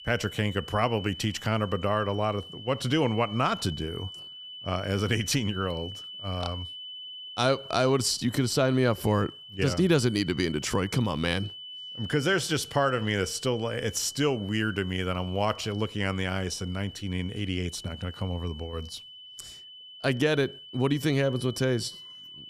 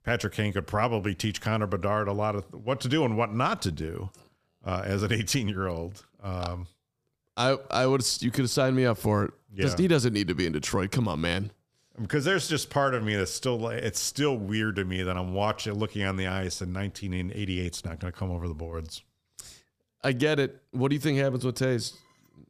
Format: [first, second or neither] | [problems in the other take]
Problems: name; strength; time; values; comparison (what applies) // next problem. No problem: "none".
second | high-pitched whine; noticeable; throughout; 3 kHz, 15 dB below the speech